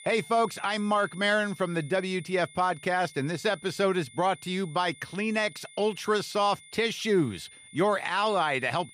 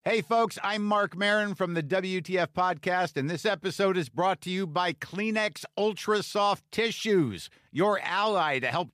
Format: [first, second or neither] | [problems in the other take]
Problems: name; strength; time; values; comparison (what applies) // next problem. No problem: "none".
second | high-pitched whine; faint; throughout; 2 kHz, 20 dB below the speech